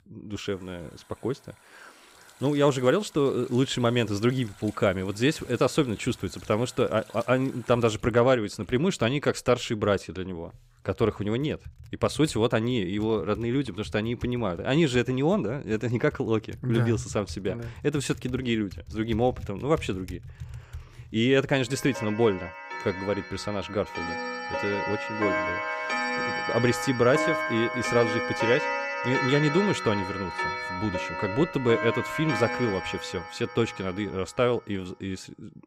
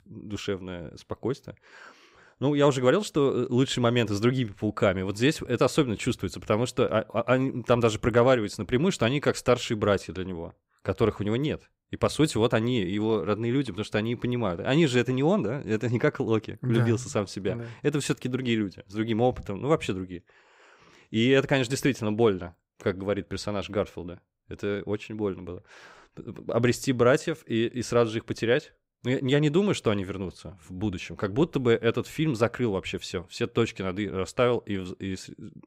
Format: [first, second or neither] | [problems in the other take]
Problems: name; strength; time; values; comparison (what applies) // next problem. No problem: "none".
second | household noises; loud; throughout; 5 dB below the speech